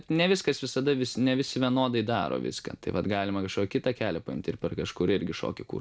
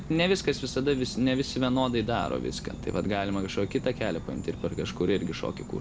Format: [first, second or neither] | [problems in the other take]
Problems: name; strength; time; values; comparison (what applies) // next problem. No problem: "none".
first | background sound (Insect); 11 dB below the speech